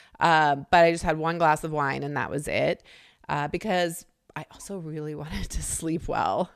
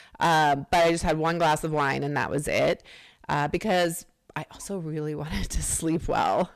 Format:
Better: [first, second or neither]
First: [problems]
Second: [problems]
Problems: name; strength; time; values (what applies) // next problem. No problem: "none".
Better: first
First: none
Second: distortion; heavy; 8% of the sound clipped